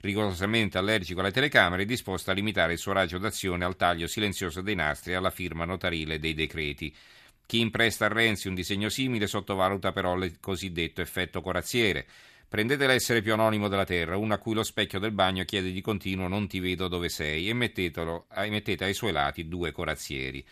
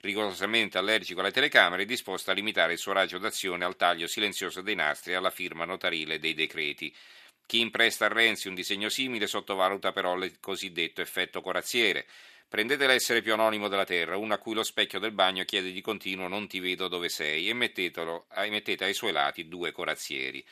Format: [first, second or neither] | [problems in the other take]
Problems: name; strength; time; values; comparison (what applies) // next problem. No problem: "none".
first | thin; somewhat; fading below 350 Hz